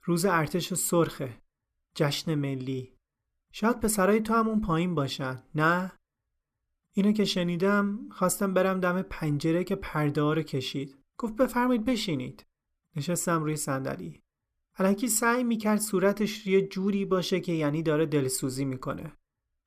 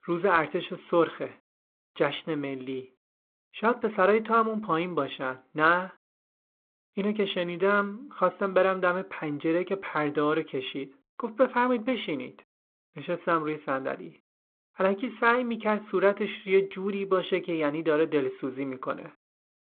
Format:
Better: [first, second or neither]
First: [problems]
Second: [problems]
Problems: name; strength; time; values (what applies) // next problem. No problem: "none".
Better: first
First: none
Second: phone-call audio